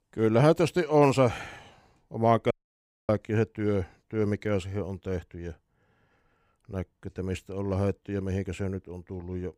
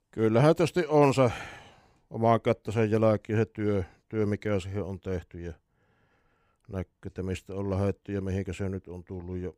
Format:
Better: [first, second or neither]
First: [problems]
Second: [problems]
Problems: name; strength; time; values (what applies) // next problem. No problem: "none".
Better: second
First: audio cutting out; at 2.5 s for 0.5 s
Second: none